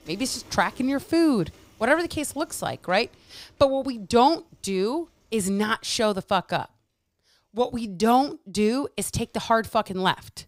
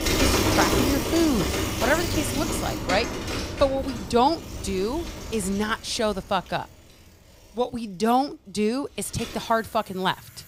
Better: first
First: traffic noise; faint; throughout; 30 dB below the speech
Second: traffic noise; loud; throughout; 1 dB below the speech

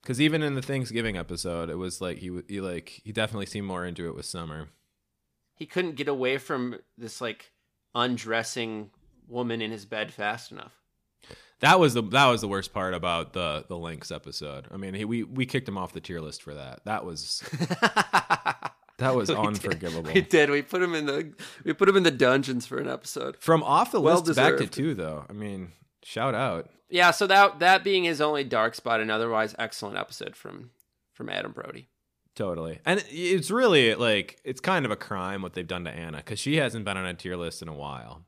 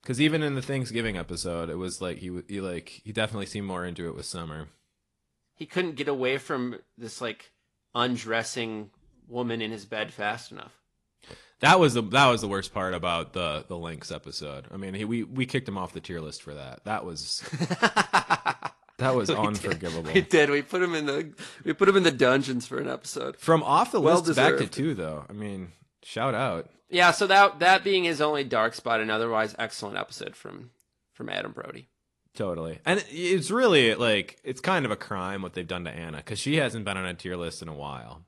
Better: first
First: none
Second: garbled, watery; slightly

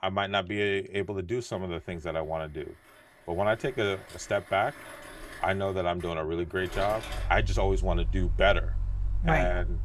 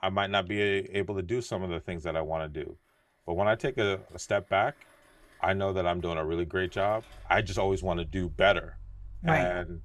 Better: second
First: machinery noise; loud; throughout; 6 dB below the speech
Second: machinery noise; faint; throughout; 20 dB below the speech

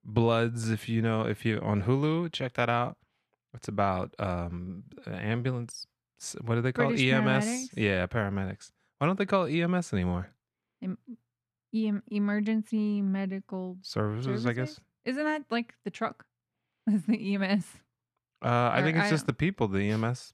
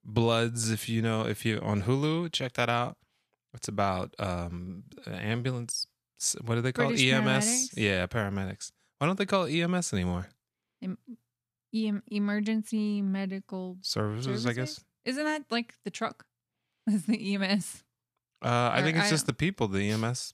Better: second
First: muffled; slightly; fading above 3.5 kHz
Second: none

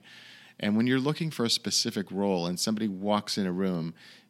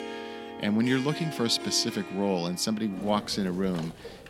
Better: first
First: none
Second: background music; noticeable; throughout; 10 dB below the speech

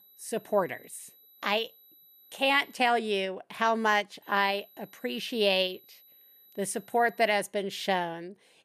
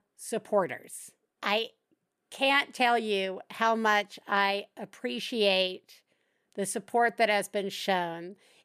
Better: second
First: high-pitched whine; faint; until 3 s and from 4 to 7.5 s; 12 kHz, 25 dB below the speech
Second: none

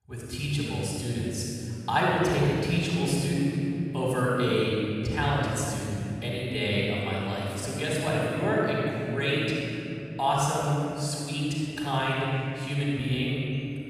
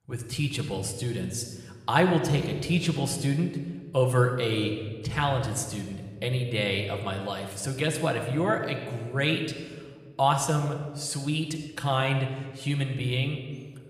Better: second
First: room echo; strong; dies away in 3 s // off-mic speech; far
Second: room echo; slight; dies away in 1.3 s

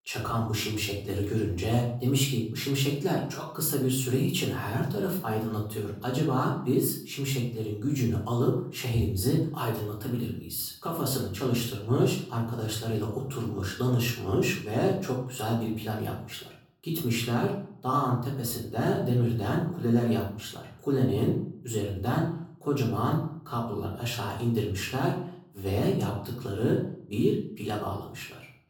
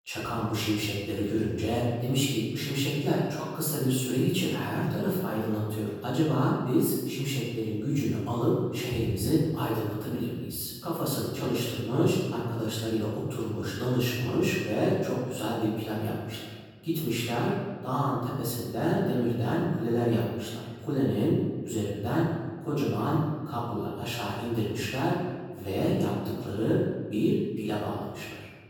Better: first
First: room echo; slight; dies away in 0.5 s // off-mic speech; far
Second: room echo; strong; dies away in 1.3 s // off-mic speech; far

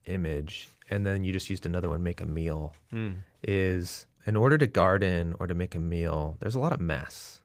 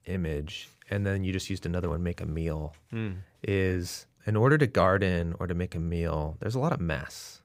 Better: second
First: garbled, watery; slightly; nothing above 15.5 kHz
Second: none

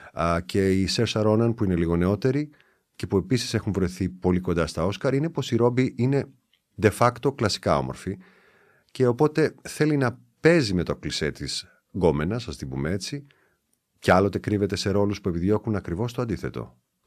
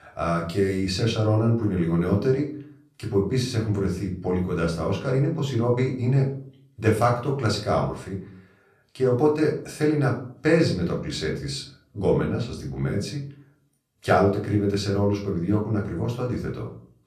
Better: first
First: none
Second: off-mic speech; far // room echo; slight; dies away in 0.4 s

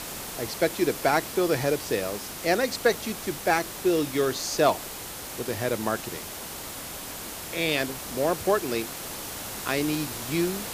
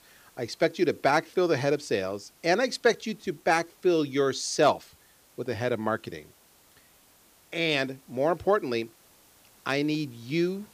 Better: second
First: hiss; loud; throughout; 8 dB below the speech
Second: hiss; faint; throughout; 30 dB below the speech

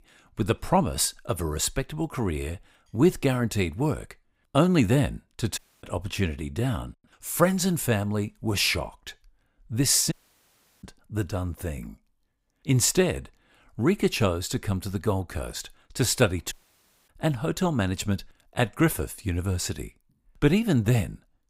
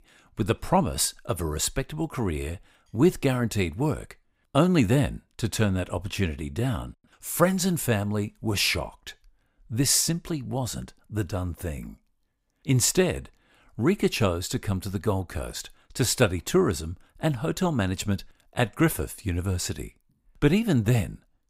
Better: second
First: audio cutting out; at 5.5 s, at 10 s for 0.5 s and at 17 s for 0.5 s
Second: none

